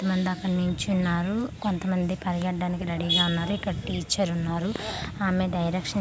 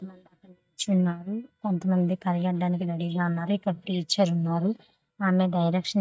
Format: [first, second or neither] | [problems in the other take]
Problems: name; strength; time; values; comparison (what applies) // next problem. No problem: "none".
first | noise reduction (neural mask model DeepFilterNet 3)